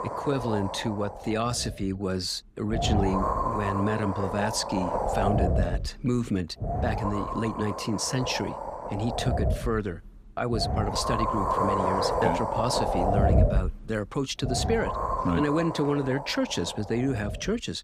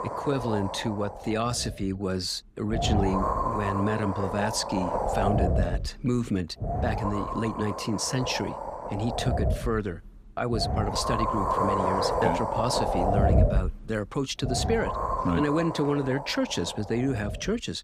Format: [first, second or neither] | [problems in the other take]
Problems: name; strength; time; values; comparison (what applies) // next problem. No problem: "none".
neither | wind noise on the microphone; heavy; 3 dB above the speech; the same in both